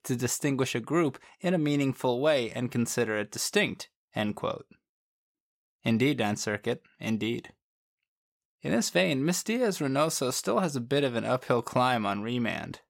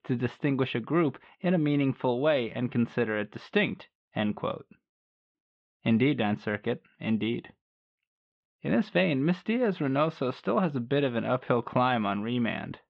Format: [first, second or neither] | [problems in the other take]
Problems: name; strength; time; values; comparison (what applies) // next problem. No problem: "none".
first | muffled; very; fading above 3.5 kHz